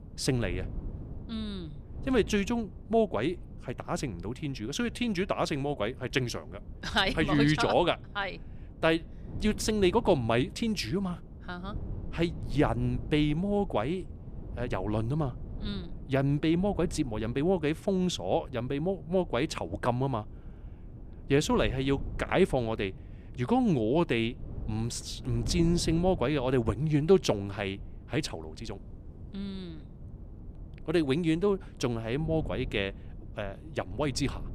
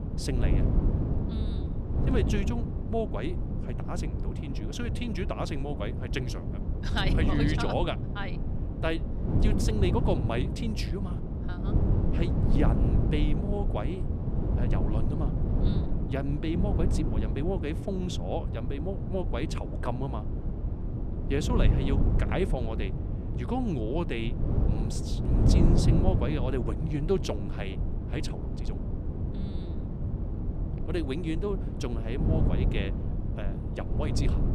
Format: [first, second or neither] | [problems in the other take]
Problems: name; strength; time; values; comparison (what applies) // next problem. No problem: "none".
first | wind noise on the microphone; heavy; 4 dB below the speech; occasional gusts in the first